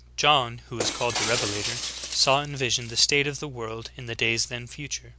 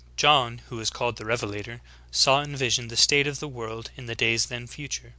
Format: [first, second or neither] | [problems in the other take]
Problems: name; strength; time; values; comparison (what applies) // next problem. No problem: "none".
second | background sound (Shatter); 9 dB below the speech